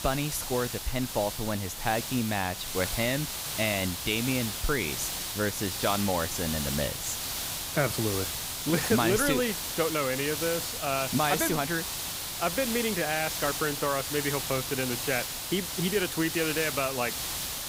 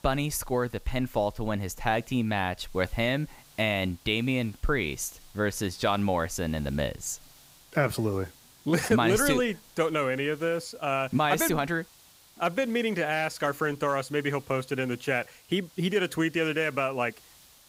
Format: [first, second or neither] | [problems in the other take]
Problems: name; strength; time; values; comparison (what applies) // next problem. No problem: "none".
second | hiss; loud; throughout; 2 dB below the speech; faint in the second